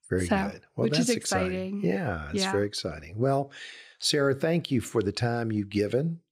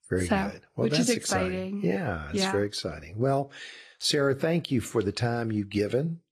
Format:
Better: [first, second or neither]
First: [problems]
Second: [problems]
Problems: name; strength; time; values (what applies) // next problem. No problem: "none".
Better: first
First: none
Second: garbled, watery; slightly; nothing above 14.5 kHz